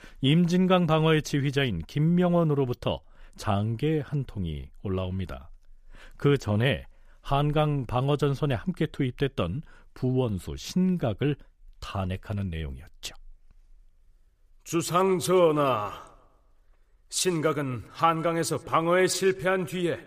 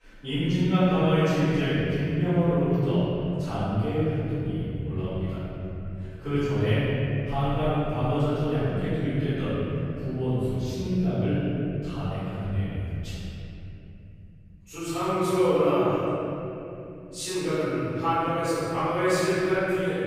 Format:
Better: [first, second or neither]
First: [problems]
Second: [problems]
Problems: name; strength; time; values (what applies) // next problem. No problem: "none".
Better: first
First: none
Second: off-mic speech; far // room echo; strong; dies away in 3 s